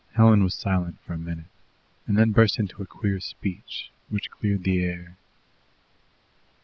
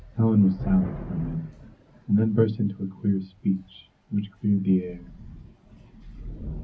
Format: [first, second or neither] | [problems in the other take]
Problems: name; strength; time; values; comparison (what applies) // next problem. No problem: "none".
first | background sound (Thunder / Rain); 13 dB below the speech // room echo; dies away in 0.3 s